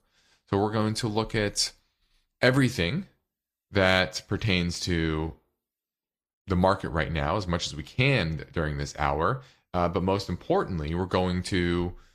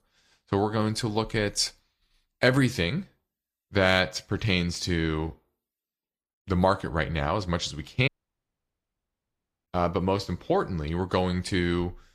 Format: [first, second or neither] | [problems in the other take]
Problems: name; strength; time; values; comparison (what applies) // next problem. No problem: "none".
first | audio cutting out; at 8 s for 1.5 s